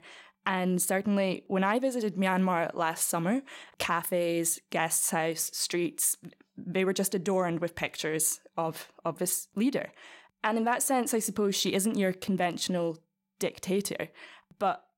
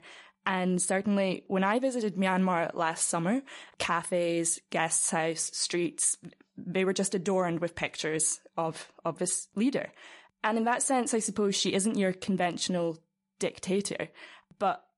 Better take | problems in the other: first | garbled, watery; slightly; nothing above 11 kHz

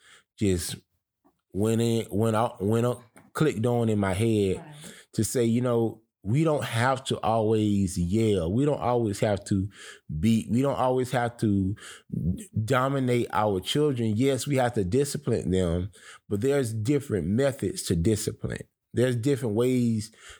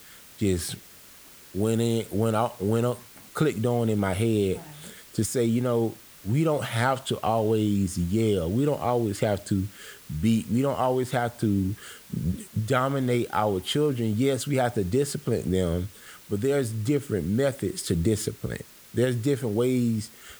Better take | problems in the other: first | hiss; faint; throughout; 20 dB below the speech

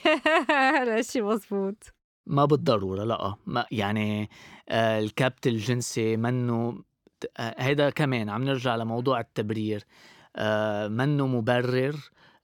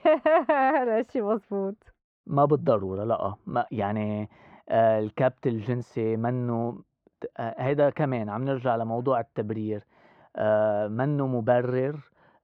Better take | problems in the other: first | muffled; very; fading above 3.5 kHz

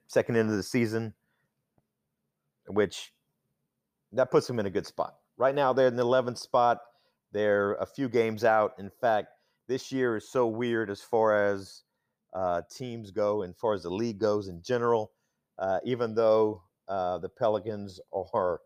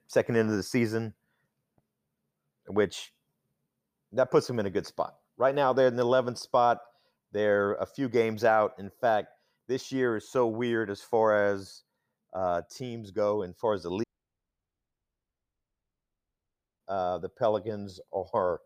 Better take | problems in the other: first | audio cutting out; at 14 s for 3 s

